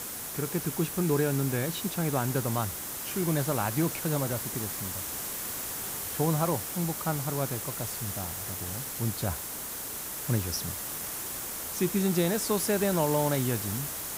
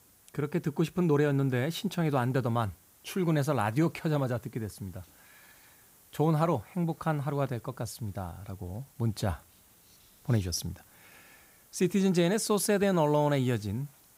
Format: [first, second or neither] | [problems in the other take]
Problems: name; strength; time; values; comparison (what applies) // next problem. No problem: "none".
second | hiss; loud; throughout; 3 dB below the speech; faint in the second